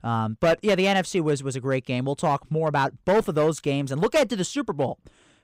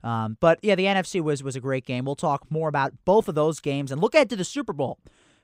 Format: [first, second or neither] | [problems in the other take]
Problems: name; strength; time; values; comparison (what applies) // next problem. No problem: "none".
second | distortion; slight; 5% of the sound clipped